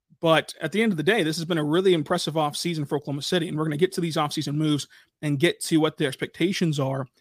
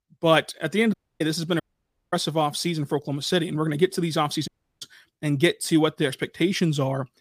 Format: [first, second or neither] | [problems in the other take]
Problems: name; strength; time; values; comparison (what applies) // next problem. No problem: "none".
first | audio cutting out; at 1 s, at 1.5 s for 0.5 s and at 4.5 s